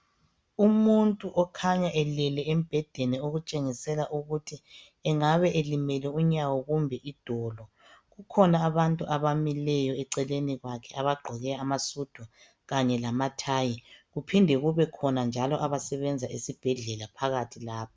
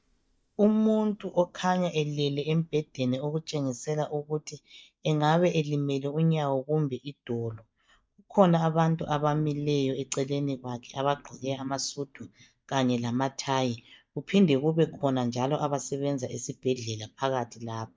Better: first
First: none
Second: noise reduction (neural mask model DeepFilterNet 3)

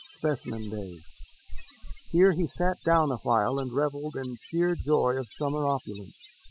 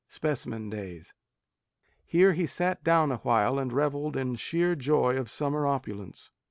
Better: second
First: noise reduction (classical method spectral subtraction)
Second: none

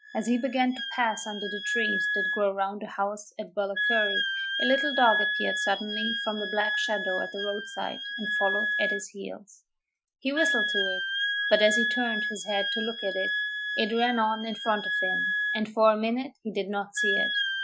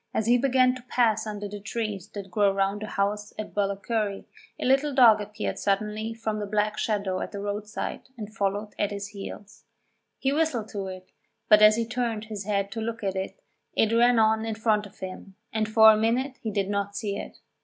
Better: second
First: noise reduction (classical method Wiener filter)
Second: none

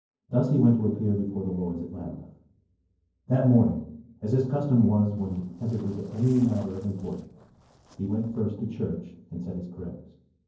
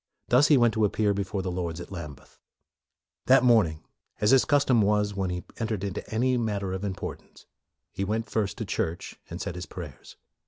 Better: second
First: noise reduction (neural separator model SepFormer DNS4)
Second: none

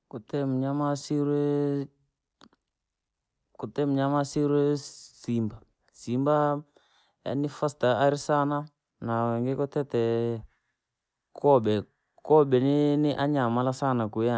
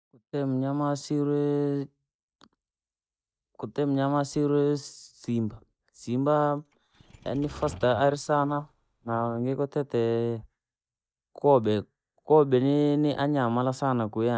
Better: first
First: none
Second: noise reduction (neural mask model DeepFilterNet 3)

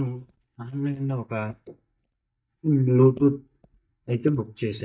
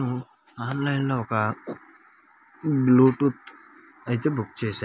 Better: second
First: noise reduction (neural mask model DeepFilterNet 3)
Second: none

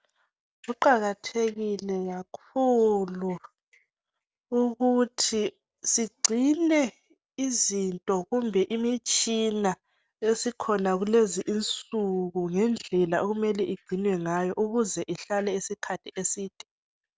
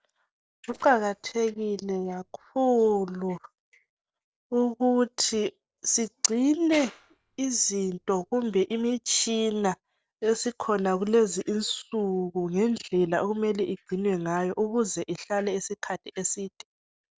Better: first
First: none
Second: noise reduction (neural separator model SepFormer DNS4)

